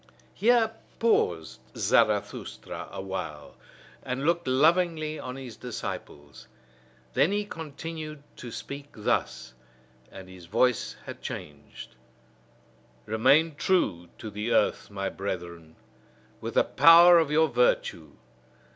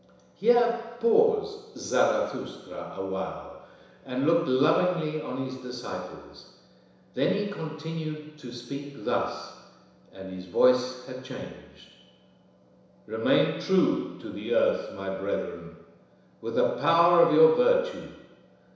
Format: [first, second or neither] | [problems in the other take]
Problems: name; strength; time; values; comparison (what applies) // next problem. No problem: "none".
first | room echo; dies away in 1 s